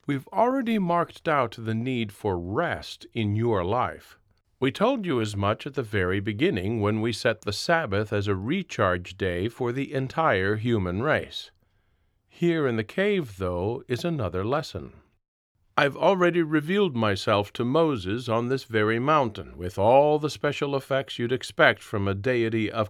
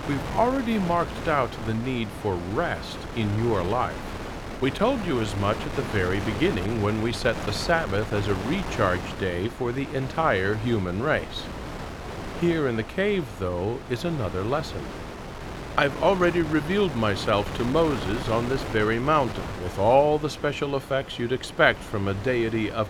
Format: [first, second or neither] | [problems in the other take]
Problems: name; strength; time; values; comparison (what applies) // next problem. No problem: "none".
first | wind noise on the microphone; occasional gusts; 10 dB below the speech